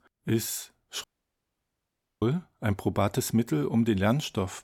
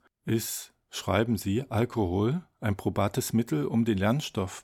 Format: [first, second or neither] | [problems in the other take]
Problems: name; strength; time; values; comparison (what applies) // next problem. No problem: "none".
second | audio cutting out; at 1 s for 1 s